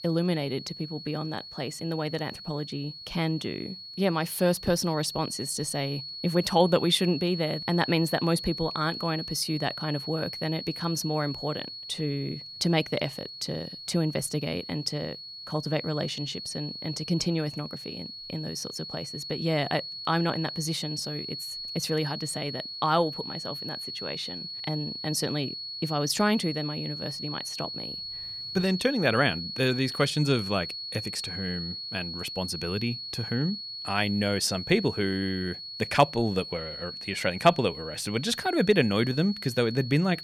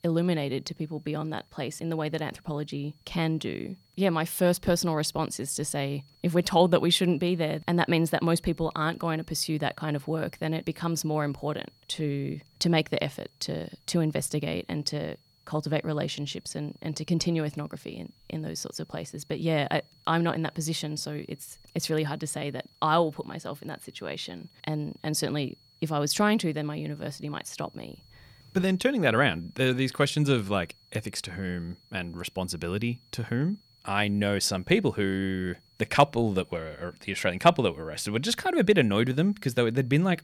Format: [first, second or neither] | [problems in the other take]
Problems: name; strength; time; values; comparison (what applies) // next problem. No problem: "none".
second | high-pitched whine; loud; throughout; 4.5 kHz, 7 dB below the speech; faint in the second